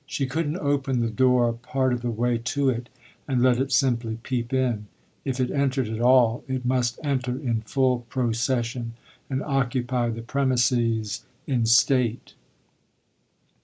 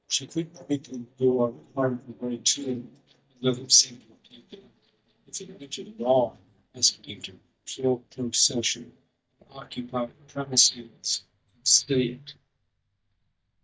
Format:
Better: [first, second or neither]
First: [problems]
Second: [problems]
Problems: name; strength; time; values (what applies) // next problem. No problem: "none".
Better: first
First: none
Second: noise reduction (neural mask model DeepFilterNet 3)